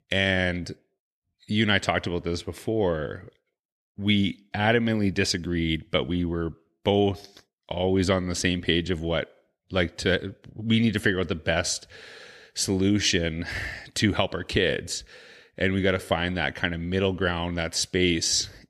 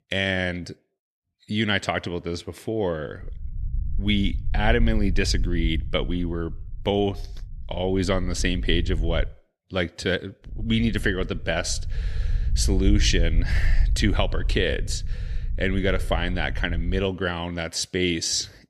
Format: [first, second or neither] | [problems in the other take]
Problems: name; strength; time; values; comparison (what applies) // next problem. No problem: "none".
first | low rumble; faint; from 3 to 9.5 s and from 11 to 17 s; 20 dB below the speech